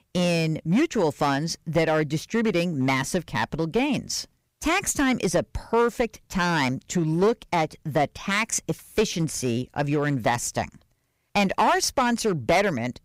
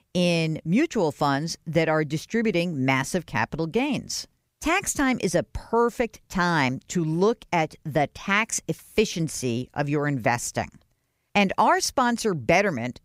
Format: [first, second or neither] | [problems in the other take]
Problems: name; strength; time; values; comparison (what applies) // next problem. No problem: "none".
second | distortion; slight; 4% of the sound clipped